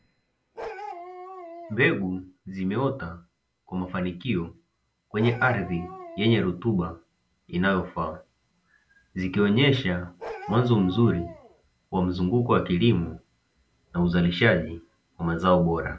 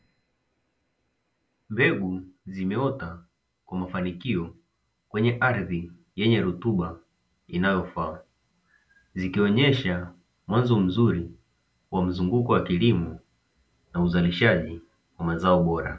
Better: second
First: background sound (Bark); 14 dB below the speech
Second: none

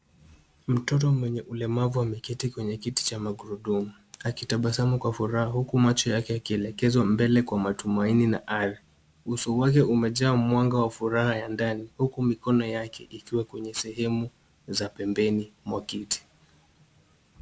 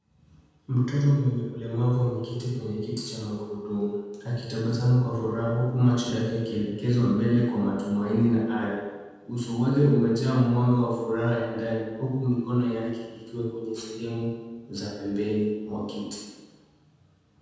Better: first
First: none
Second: room echo; dies away in 1.2 s

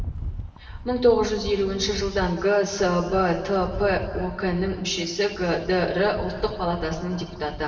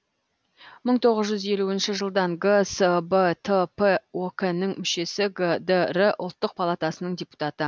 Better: second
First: background sound (Rattle); 11 dB below the speech // room echo; dies away in 2.4 s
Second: none

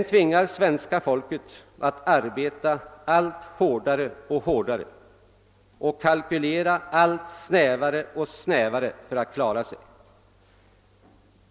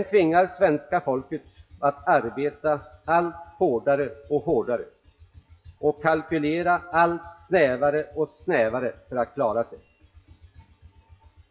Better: first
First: none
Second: noise reduction (classical method WPE with log-MMSE)

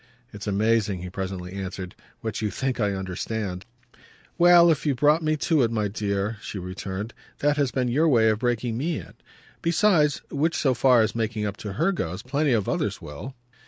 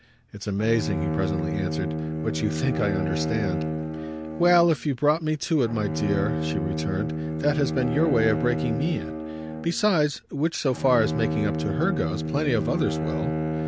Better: first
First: none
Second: background sound (Bowed string instrument); 3 dB below the speech

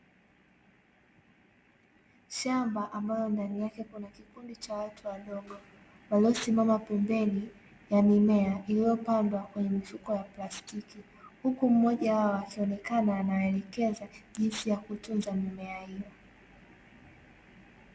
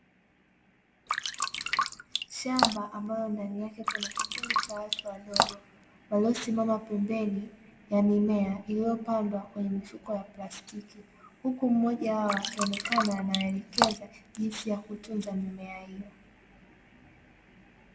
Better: first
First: none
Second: background sound (Drip); 1 dB above the speech // room echo; dies away in 0.9 s

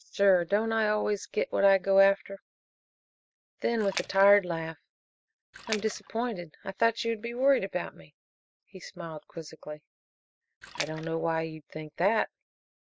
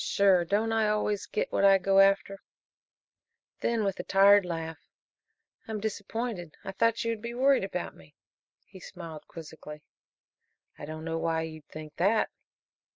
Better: second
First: noise reduction (neural mask model DeepFilterNet 3)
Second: none

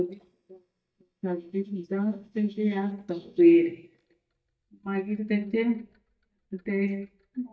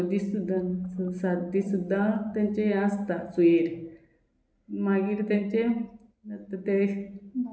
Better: second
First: noise reduction (neural mask model DeepFilterNet 3)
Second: none

